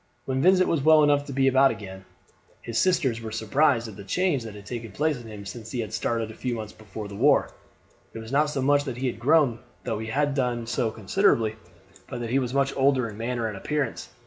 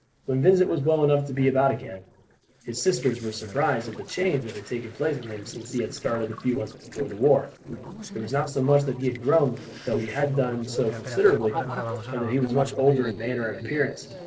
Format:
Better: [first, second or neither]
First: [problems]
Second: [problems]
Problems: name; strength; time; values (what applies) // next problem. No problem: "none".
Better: first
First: none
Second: noise reduction (neural separator model SepFormer DNS4)